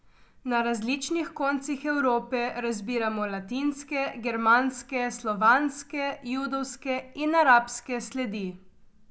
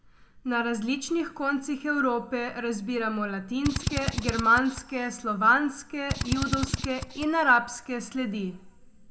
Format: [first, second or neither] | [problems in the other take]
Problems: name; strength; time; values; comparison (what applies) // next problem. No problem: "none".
first | background sound (Drill); 4 dB below the speech // room echo; dies away in 1 s